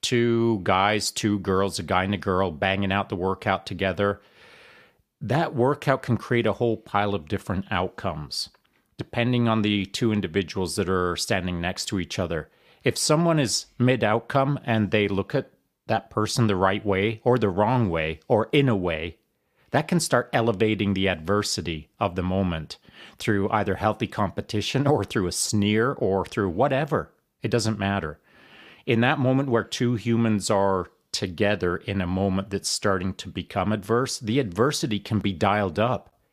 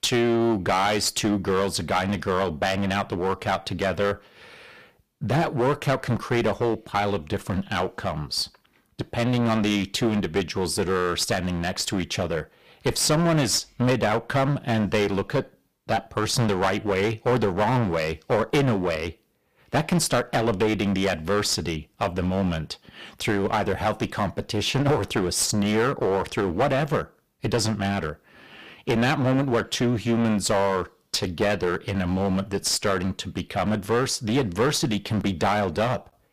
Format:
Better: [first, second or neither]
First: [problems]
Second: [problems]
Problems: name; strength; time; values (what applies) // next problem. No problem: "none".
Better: first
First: none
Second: distortion; heavy; 10% of the sound clipped